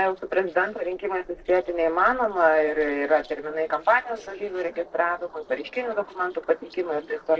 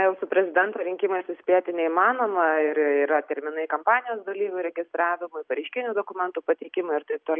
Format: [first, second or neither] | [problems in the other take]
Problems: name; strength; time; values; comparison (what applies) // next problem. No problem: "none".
second | noise reduction (neural separator model SepFormer DNS4)